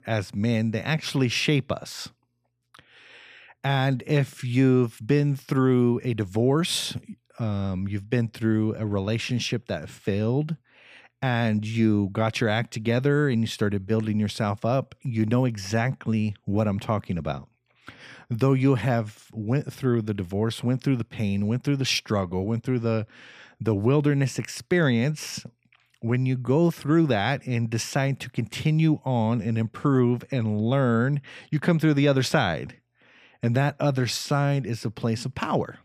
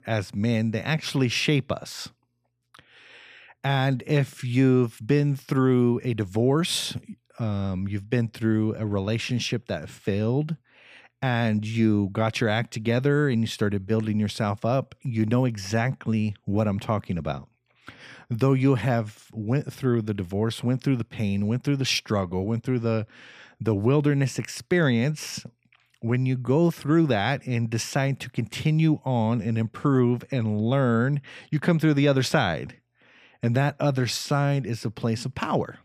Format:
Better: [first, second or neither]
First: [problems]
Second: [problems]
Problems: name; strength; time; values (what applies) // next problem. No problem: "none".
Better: neither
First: none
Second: none